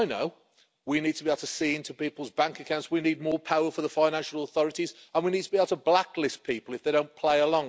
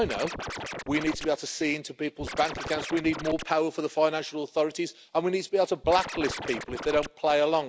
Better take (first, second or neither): first